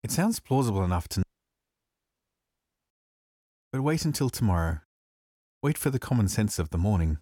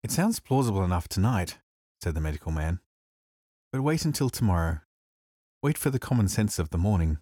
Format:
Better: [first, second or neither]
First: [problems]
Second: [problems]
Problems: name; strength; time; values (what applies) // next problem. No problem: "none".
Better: second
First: audio cutting out; at 1 s for 1.5 s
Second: none